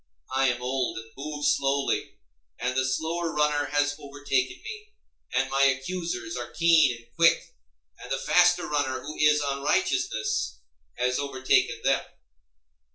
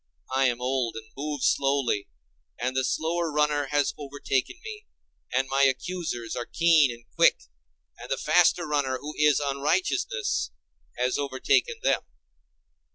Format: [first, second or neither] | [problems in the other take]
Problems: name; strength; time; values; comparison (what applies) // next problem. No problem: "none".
second | room echo; dies away in 0.3 s